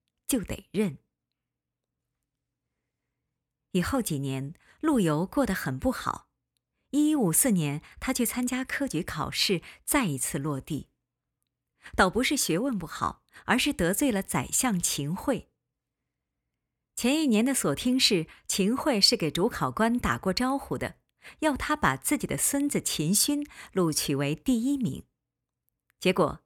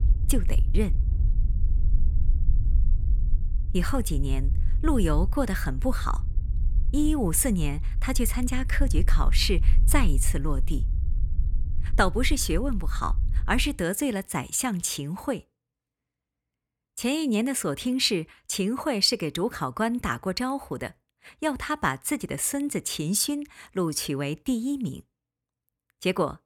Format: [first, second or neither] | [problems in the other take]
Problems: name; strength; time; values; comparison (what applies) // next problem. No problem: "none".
first | low rumble; noticeable; until 14 s; 20 dB below the speech